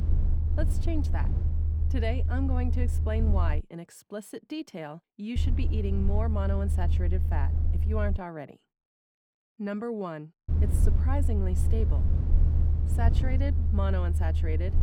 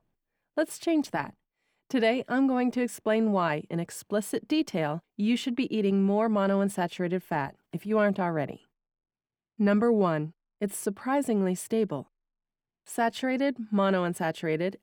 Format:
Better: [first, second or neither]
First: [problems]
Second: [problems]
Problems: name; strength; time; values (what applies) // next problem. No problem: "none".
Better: second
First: low rumble; loud; until 3.5 s, from 5.5 to 8 s and from 10 s on; 6 dB below the speech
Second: none